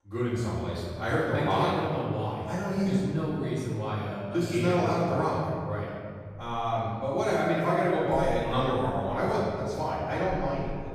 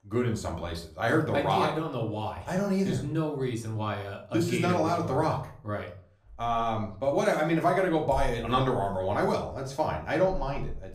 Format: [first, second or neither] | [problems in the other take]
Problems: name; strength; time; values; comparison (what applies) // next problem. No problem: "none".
second | room echo; strong; dies away in 2 s; slight in the second // off-mic speech; far; somewhat distant in the second